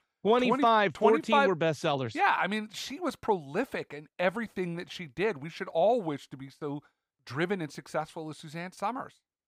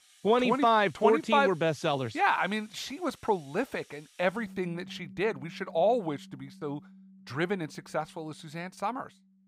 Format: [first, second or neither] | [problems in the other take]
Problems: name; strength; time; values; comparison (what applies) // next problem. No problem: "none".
first | background music; faint; throughout; 25 dB below the speech